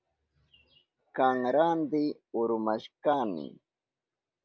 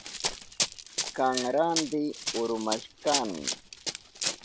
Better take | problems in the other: first | background sound (Run); 3 dB below the speech

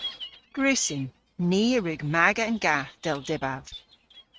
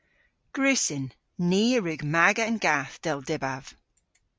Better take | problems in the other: second | noise reduction (neural mask model RNNoise)

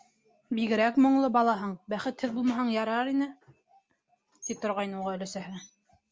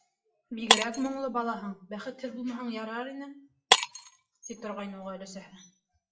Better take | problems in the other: first | noise reduction (classical method WPE with log-MMSE)

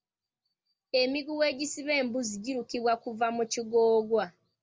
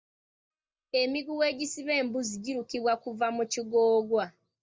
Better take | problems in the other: first | noise reduction (neural mask model DeepFilterNet 3)

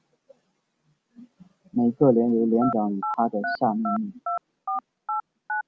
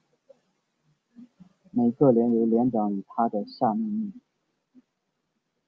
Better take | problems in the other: second | background sound (Telephone); 5 dB below the speech

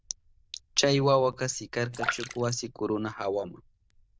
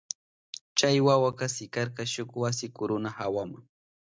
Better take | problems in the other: second | noise reduction (neural diffusion model UNIVERSE++)

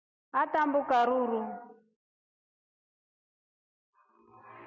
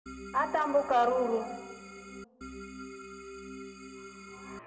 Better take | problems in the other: first | background sound (Organ); 12 dB below the speech // room echo; dies away in 1.5 s

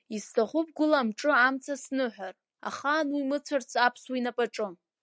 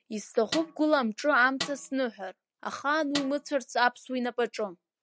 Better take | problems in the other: first | background sound (Snare drum); 12 dB below the speech

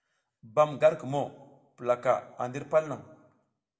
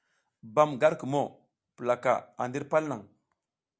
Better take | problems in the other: second | room echo; dies away in 0.8 s

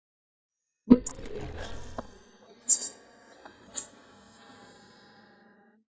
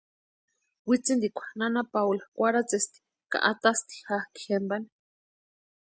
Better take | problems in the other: second | noise reduction (neural mask model DeepFilterNet 3)

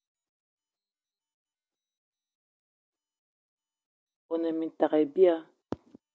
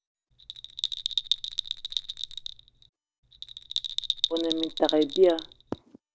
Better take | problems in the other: first | background sound (Bell); 3 dB below the speech

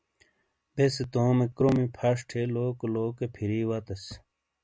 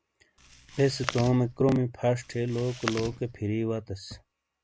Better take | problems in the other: first | background sound (Chewing, mastication); 11 dB below the speech

